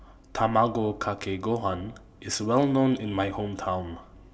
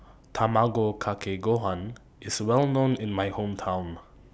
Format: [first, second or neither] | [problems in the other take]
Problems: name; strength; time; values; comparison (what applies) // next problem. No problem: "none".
second | room echo; dies away in 0.4 s